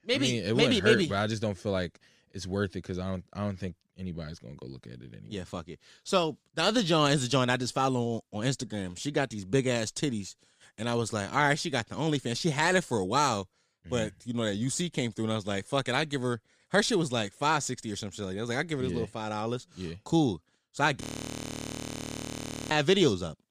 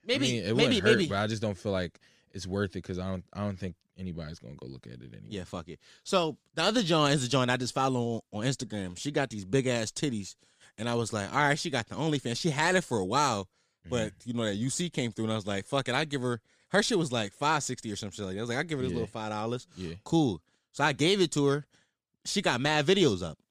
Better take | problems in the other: second | audio freezing; at 21 s for 1.5 s

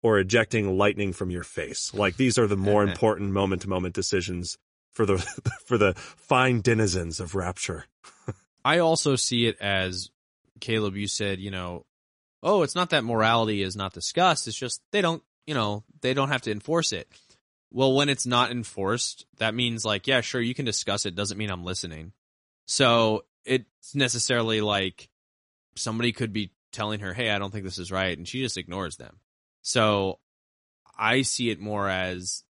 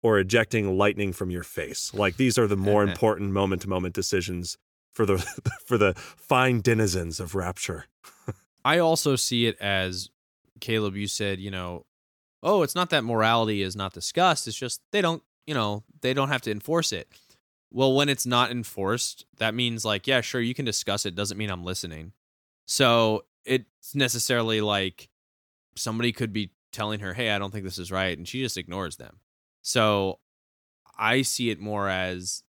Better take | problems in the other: second | garbled, watery; slightly; nothing above 10.5 kHz

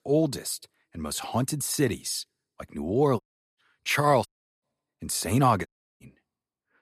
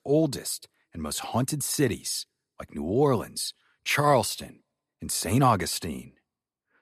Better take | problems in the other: second | audio cutting out; at 3 s, at 4.5 s and at 5.5 s

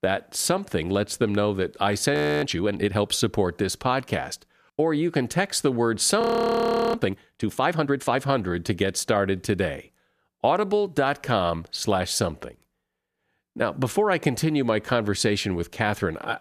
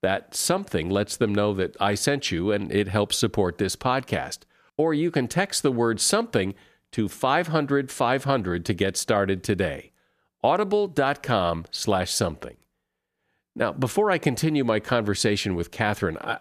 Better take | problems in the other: second | audio freezing; at 2 s and at 6 s for 0.5 s

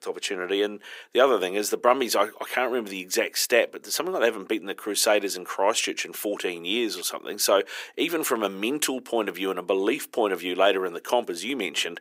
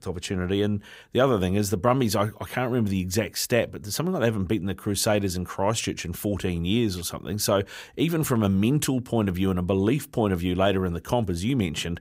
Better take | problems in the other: second | thin; somewhat; fading below 350 Hz

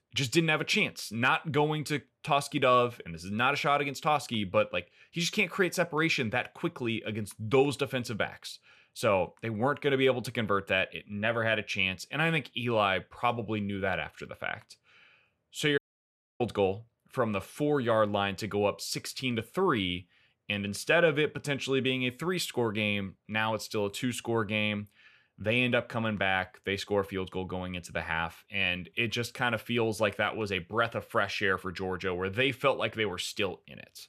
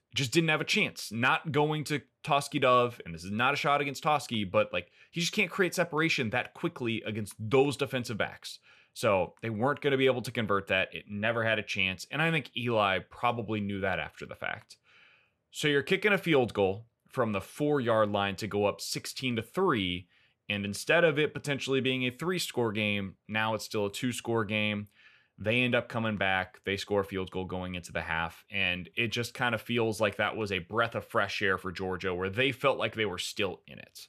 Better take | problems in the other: second | audio cutting out; at 16 s for 0.5 s

